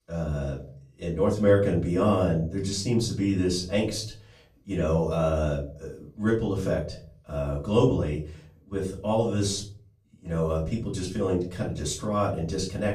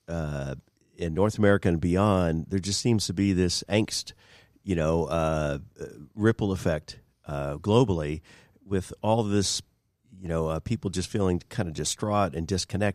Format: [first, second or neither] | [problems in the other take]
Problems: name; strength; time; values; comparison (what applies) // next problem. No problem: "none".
second | off-mic speech; far // room echo; slight; dies away in 0.4 s